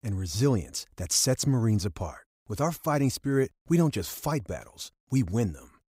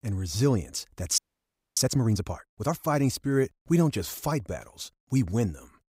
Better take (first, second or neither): first